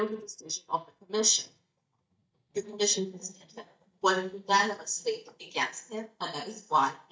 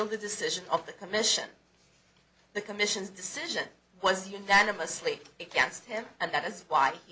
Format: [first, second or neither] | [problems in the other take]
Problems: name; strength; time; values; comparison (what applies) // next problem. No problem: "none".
second | noise reduction (neural mask model DeepFilterNet 3)